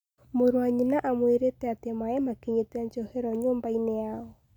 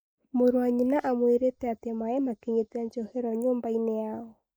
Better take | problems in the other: first | noise reduction (neural mask model Resemble Enhance denoiser)

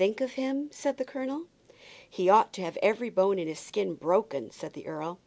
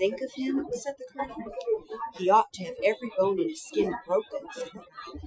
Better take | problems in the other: first | noise reduction (classical method Wiener filter)

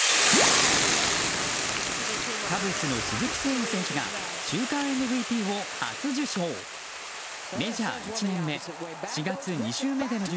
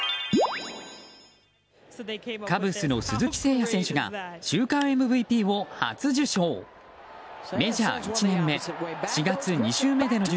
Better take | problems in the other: second | background sound (Boiling / Hiss); 2 dB above the speech

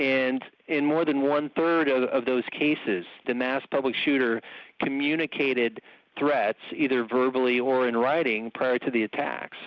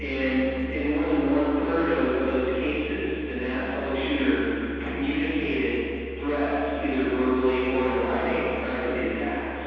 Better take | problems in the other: first | background sound (Musical instrument); 12 dB below the speech // room echo; dies away in 2.1 s

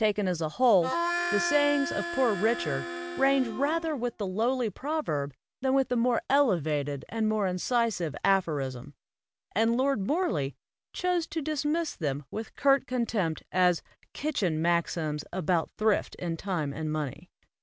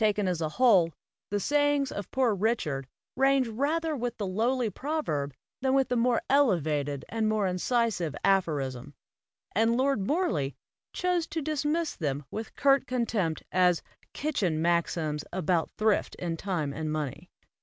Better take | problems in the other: second | background sound (Harmonica); 5 dB below the speech

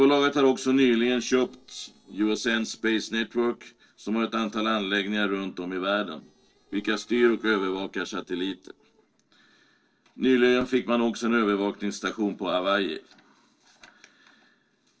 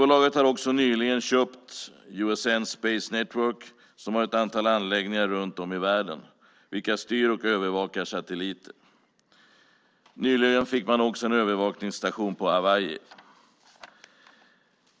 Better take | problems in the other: second | noise reduction (neural separator model SepFormer DNS4)

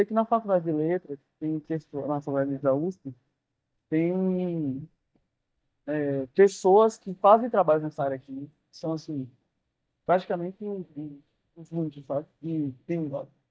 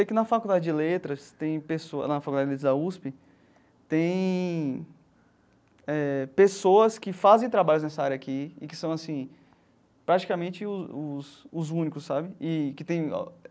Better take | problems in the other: second | noise reduction (neural mask model DeepFilterNet 3)

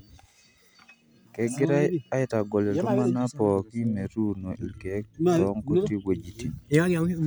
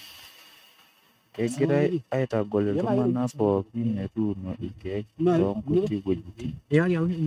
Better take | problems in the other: first | noise reduction (neural mask model RNNoise)

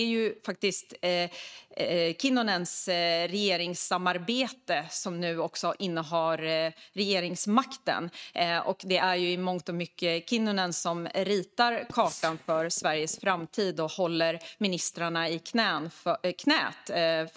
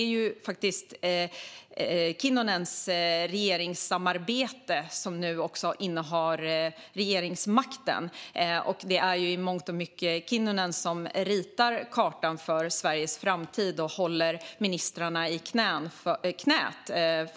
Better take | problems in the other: second | noise reduction (neural mask model RNNoise)

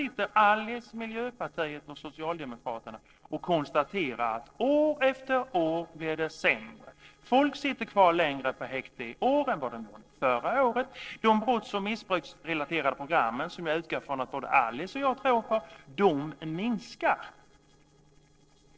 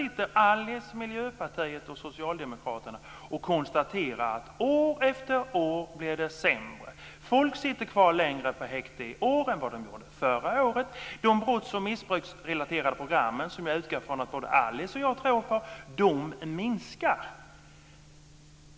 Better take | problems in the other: second | noise reduction (neural separator model SepFormer DNS4)

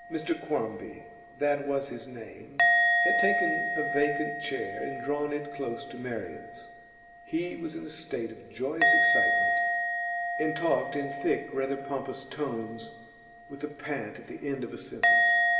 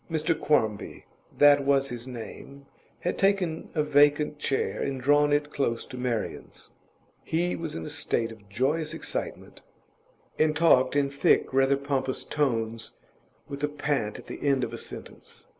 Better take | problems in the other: second | background sound (Musical instrument); 3 dB above the speech // room echo; dies away in 2.1 s

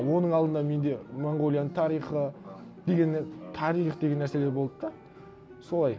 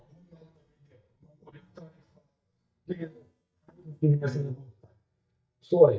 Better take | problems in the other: first | noise reduction (neural mask model DeepFilterNet 3)

